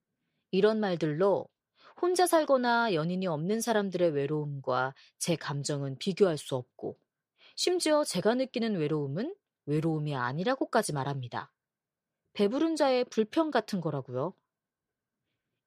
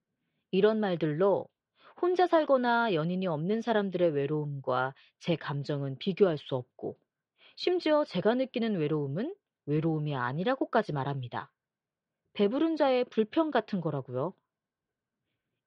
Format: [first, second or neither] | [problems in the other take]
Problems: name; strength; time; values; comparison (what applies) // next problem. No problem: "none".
first | muffled; slightly; fading above 3.5 kHz